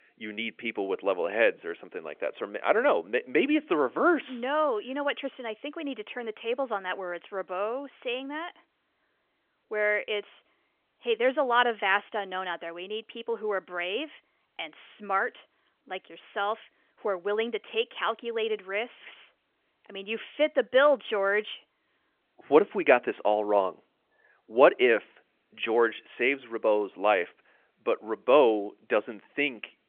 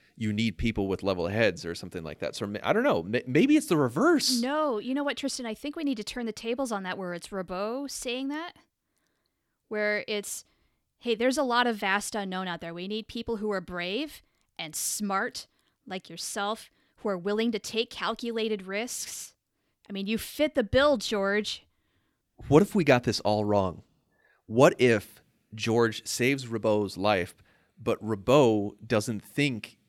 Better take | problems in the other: second | phone-call audio; nothing above 3.5 kHz

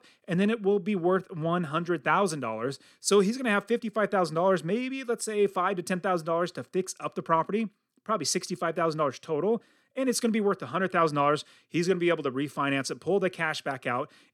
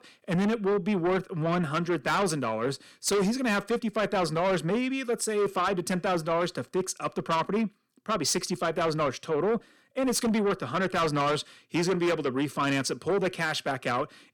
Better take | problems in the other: first | distortion; heavy; 8 dB below the speech

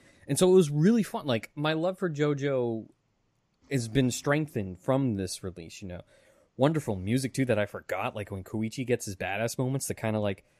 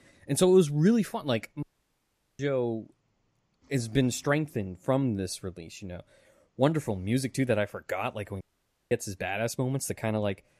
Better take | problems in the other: first | audio cutting out; at 1.5 s for 1 s and at 8.5 s for 0.5 s

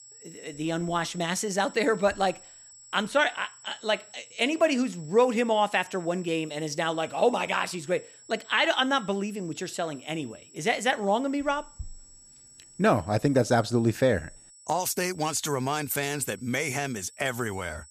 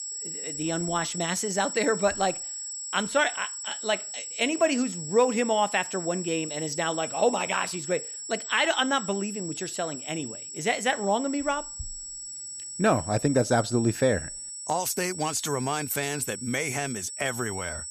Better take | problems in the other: first | high-pitched whine; loud; throughout; 8 kHz, 7 dB below the speech; faint in the first

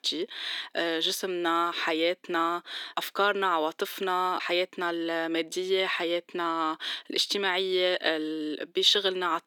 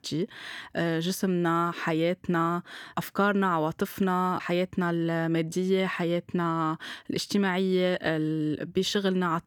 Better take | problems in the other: second | thin; very; fading below 350 Hz

